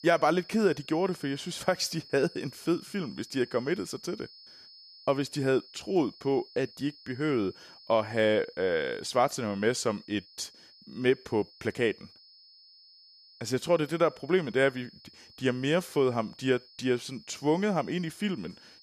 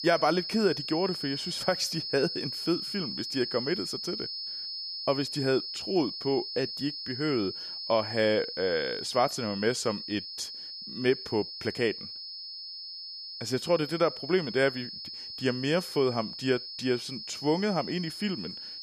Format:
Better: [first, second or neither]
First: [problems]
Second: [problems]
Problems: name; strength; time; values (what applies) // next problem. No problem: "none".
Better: first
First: high-pitched whine; faint; throughout; 5 kHz, 20 dB below the speech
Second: high-pitched whine; loud; throughout; 5 kHz, 6 dB below the speech